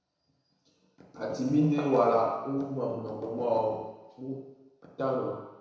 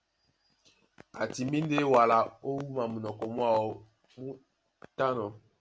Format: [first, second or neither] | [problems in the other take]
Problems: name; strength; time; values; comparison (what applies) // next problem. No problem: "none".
second | room echo; dies away in 1 s